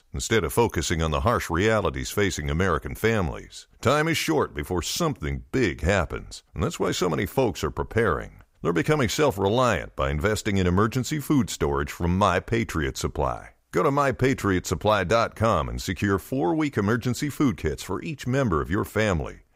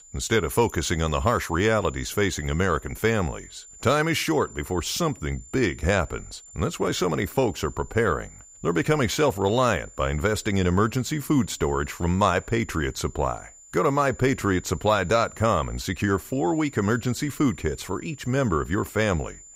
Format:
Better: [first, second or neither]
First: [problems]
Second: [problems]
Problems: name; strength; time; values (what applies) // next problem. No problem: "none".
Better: first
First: none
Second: high-pitched whine; faint; throughout; 7 kHz, 20 dB below the speech